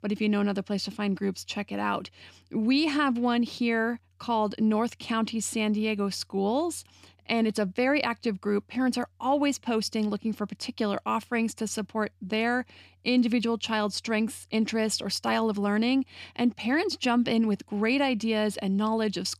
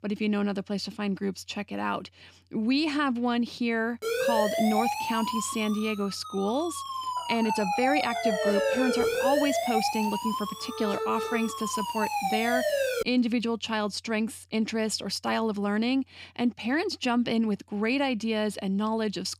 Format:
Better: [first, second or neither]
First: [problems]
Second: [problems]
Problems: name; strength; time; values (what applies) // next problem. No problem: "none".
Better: first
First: none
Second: siren; loud; from 4 to 13 s; peak 3 dB above the speech